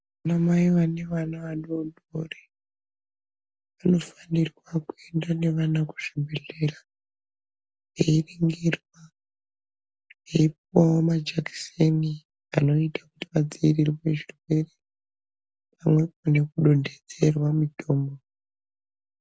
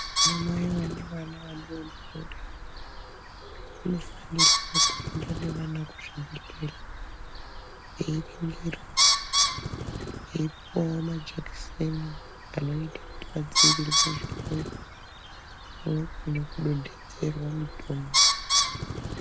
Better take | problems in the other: first | background sound (Bird); 4 dB above the speech

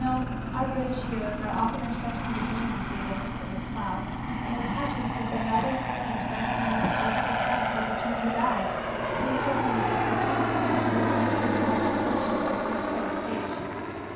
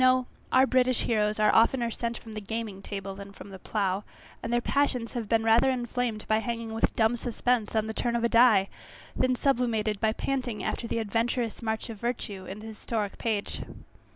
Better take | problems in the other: second | background sound (Aircraft); 4 dB above the speech // room echo; dies away in 0.7 s

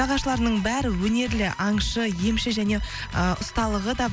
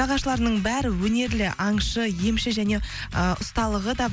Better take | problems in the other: second | background sound (Cheering + Bowed string instrument); 20 dB below the speech

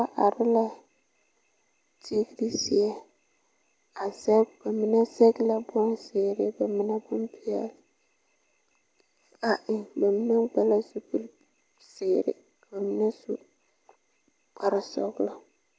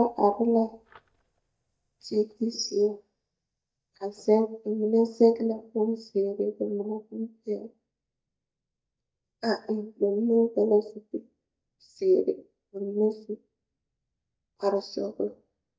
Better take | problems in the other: first | noise reduction (neural mask model DeepFilterNet 3)

